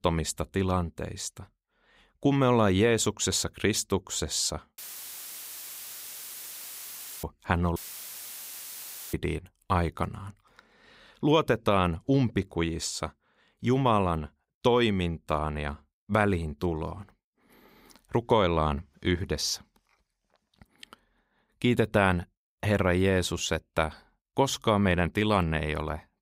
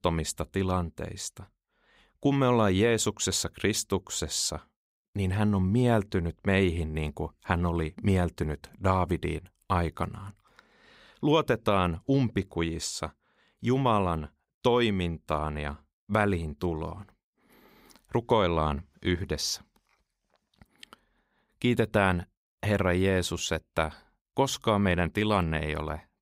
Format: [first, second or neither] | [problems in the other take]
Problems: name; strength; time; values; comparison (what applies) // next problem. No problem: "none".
second | audio cutting out; filled with static; at 5 s for 2.5 s and at 8 s for 1.5 s